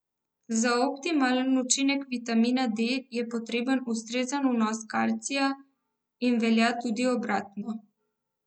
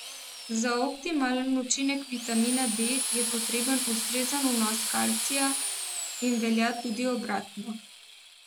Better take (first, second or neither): first